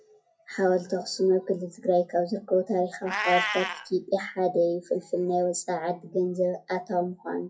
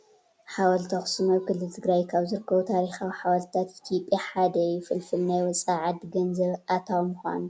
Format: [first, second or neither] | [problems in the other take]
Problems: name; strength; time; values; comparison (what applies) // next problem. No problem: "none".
second | noise reduction (classical method WPE with log-MMSE)